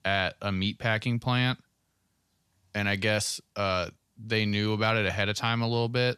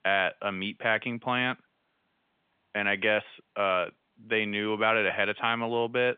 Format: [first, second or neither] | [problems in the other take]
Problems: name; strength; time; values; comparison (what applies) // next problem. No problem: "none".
first | phone-call audio; nothing above 3.5 kHz